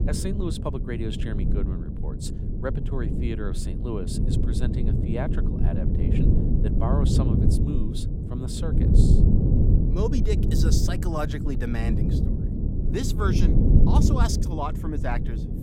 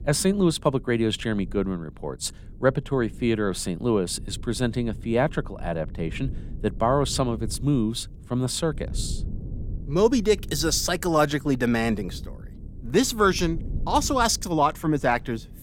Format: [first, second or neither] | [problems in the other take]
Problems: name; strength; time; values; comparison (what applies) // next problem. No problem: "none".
second | low rumble; loud; throughout; 1 dB below the speech; faint in the second